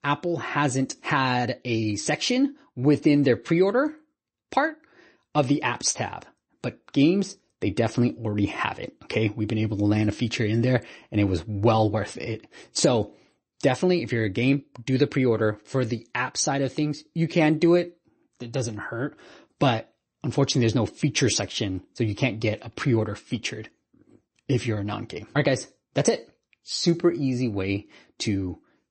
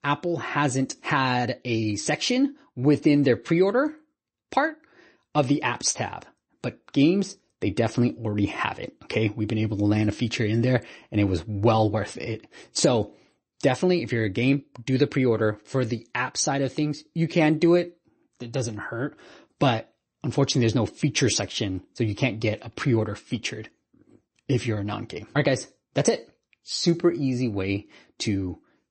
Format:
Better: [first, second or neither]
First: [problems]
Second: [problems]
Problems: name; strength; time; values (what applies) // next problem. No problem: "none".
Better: neither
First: garbled, watery; slightly; nothing above 8 kHz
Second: garbled, watery; slightly; nothing above 8 kHz